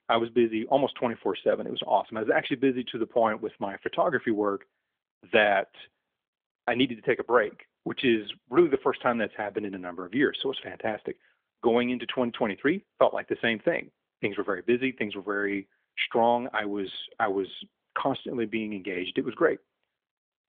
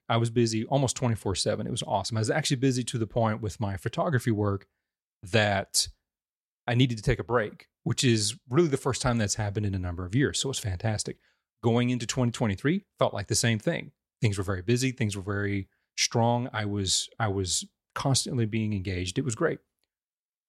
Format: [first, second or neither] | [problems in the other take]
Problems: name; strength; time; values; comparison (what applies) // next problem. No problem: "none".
second | phone-call audio; nothing above 3.5 kHz